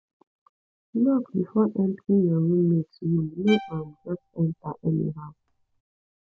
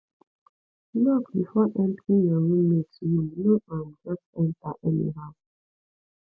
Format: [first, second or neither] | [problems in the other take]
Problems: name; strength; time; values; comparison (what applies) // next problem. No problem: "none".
second | background sound (Bowed string instrument); 16 dB below the speech